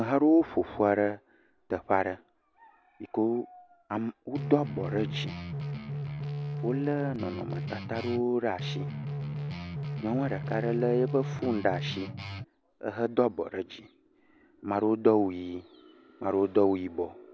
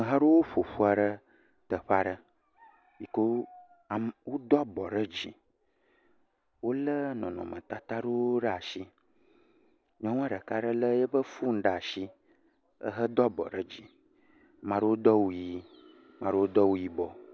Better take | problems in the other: second | background sound (Guitar); 5 dB below the speech

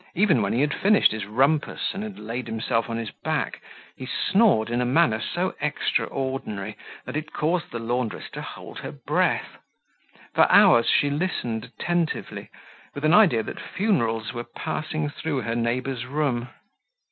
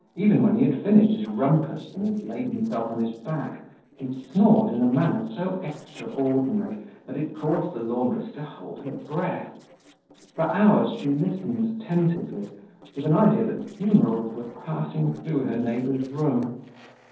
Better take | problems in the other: first | noise reduction (neural separator model SepFormer DNS4)

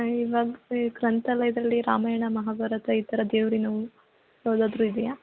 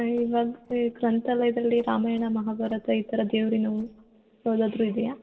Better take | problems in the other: first | noise reduction (neural separator model SepFormer DNS4)

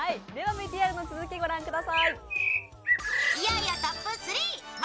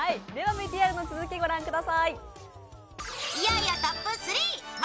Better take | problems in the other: second | background sound (Bird); 1 dB above the speech

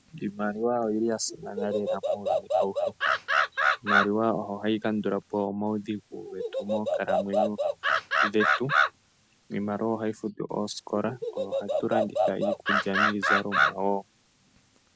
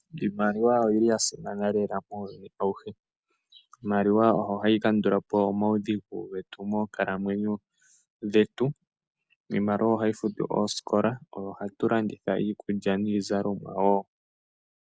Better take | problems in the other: second | background sound (Animal); 2 dB above the speech

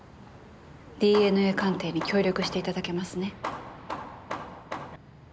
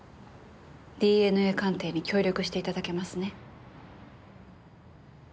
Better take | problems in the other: second | background sound (Hammer); 10 dB below the speech

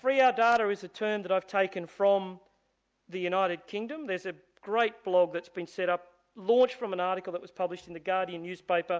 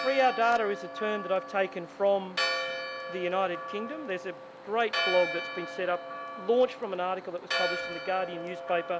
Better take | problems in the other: first | background sound (Church bell); 6 dB below the speech

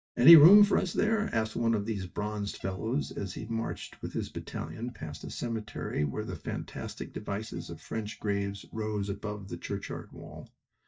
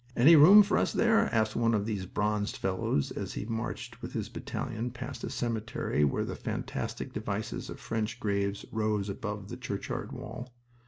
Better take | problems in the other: second | noise reduction (neural mask model DeepFilterNet 3)

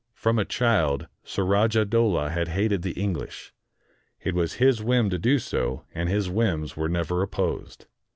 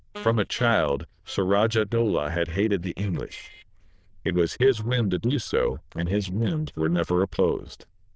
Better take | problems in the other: first | noise reduction (neural diffusion model UNIVERSE++)

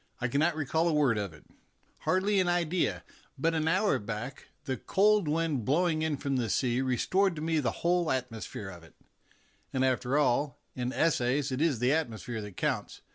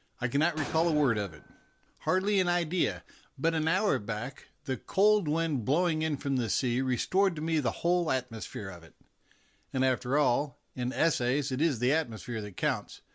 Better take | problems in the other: first | background sound (Explosion); 14 dB below the speech

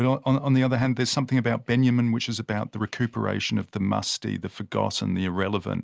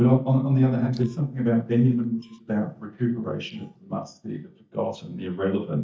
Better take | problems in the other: first | noise reduction (neural mask model DeepFilterNet 3)

